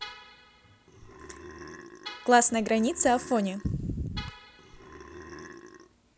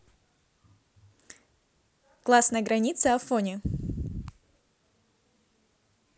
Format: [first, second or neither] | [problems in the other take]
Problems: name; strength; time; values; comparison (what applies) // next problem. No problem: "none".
second | background sound (Vehicle horn, car horn, honking + Burping, eructation); 16 dB below the speech